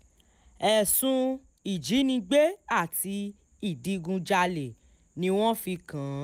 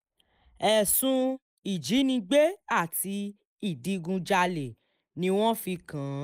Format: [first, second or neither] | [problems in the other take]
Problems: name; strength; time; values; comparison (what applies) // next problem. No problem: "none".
first | noise reduction (neural mask model Resemble Enhance denoiser)